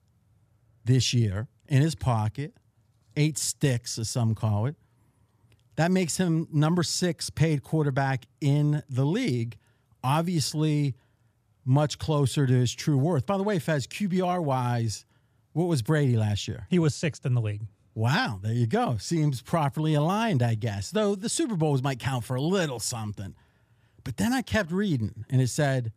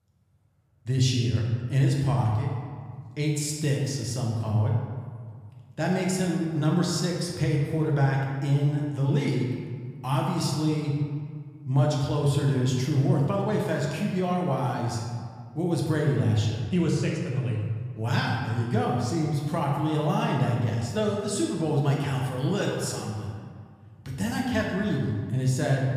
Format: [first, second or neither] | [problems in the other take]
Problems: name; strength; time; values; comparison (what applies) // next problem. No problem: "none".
first | room echo; noticeable; dies away in 1.5 s // off-mic speech; somewhat distant